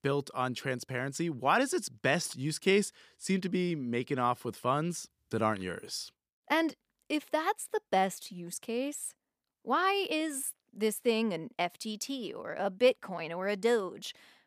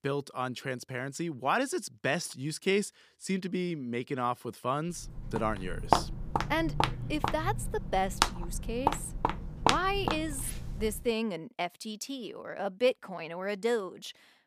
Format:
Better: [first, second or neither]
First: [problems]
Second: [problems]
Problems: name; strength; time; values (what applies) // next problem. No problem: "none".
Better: first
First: none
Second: footsteps; loud; from 5 to 11 s; peak 5 dB above the speech